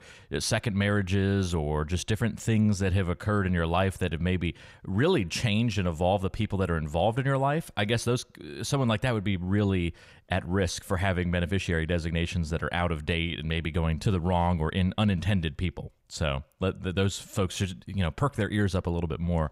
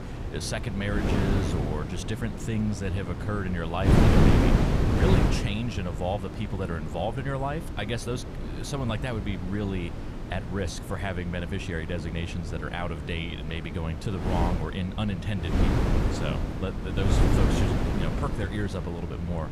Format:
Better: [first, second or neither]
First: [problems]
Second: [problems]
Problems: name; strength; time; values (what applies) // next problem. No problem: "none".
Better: first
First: none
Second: wind noise on the microphone; heavy; as loud as the speech